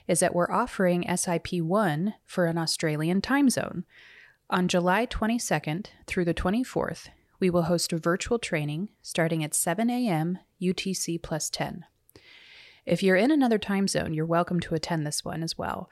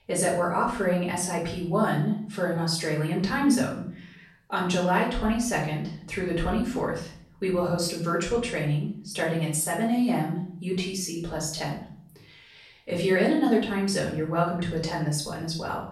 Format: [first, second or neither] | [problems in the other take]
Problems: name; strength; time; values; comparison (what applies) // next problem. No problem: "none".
first | off-mic speech; far // room echo; noticeable; dies away in 0.5 s